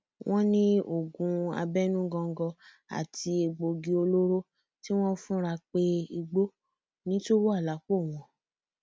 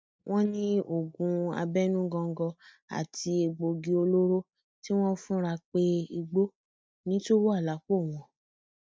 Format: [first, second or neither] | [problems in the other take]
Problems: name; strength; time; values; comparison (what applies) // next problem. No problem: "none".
first | noise reduction (neural mask model DeepFilterNet 3)